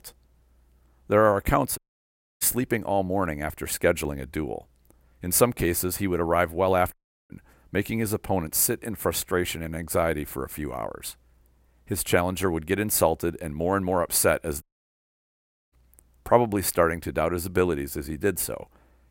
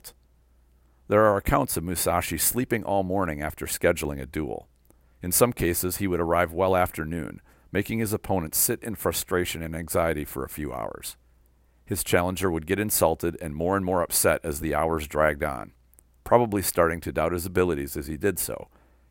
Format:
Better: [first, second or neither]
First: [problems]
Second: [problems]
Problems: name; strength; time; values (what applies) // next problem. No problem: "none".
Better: second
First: audio cutting out; at 2 s for 0.5 s, at 7 s and at 15 s for 1 s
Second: none